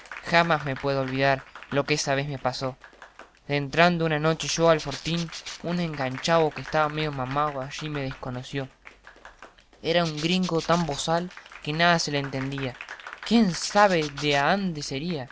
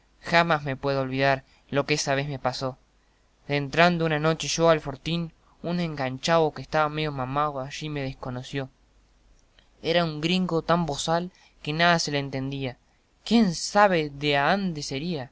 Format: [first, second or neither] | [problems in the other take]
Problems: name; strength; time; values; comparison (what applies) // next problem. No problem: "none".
second | background sound (Rattle (instrument) + Applause); 16 dB below the speech